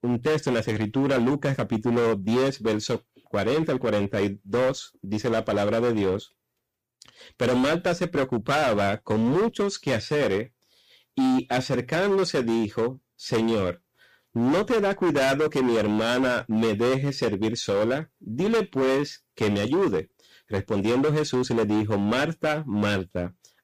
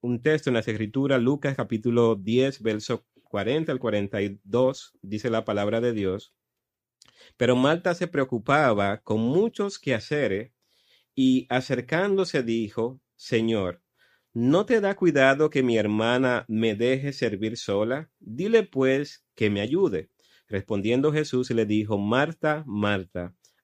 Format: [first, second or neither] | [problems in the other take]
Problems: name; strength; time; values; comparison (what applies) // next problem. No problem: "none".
second | distortion; heavy; 18% of the sound clipped